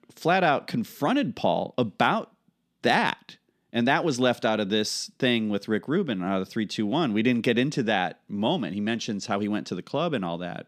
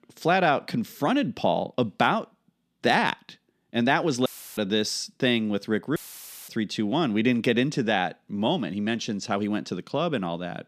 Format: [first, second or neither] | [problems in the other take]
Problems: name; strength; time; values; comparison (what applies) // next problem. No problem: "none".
first | audio cutting out; filled with static; at 4.5 s and at 6 s for 0.5 s